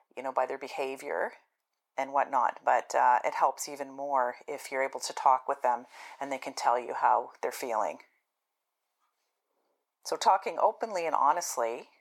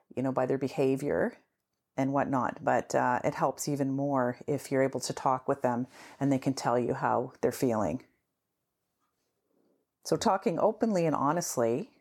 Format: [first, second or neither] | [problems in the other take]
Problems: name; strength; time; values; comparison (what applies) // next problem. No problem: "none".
second | thin; very; fading below 700 Hz